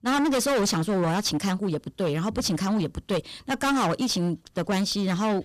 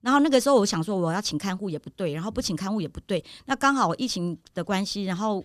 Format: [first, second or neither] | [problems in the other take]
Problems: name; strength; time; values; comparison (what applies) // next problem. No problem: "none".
second | distortion; heavy; 23% of the sound clipped